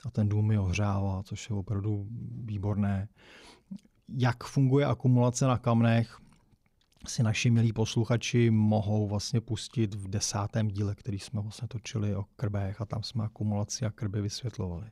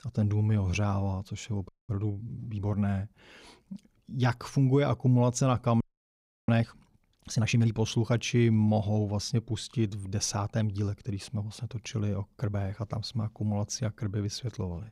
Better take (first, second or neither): first